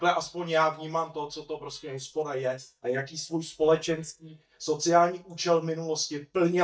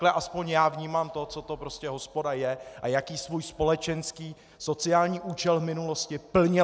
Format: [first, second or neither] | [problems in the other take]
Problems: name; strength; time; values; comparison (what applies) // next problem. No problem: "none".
second | noise reduction (neural mask model DeepFilterNet 3)